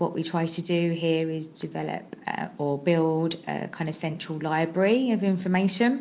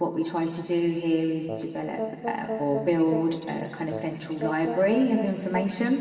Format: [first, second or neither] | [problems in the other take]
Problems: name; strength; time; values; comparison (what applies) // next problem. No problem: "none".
first | background sound (Brass instrument); 8 dB below the speech // room echo; dies away in 2.4 s